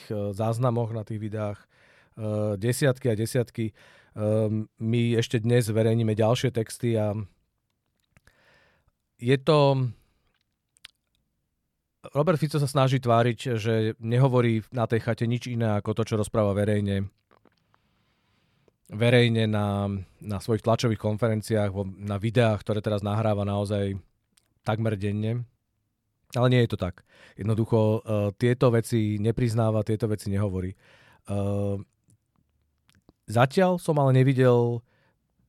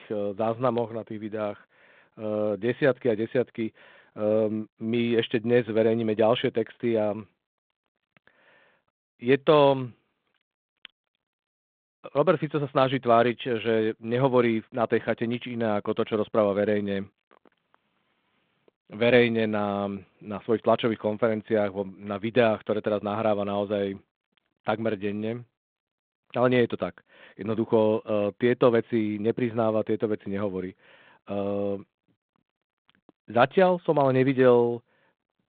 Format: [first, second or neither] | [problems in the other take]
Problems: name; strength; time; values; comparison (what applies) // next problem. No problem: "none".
first | phone-call audio; nothing above 3.5 kHz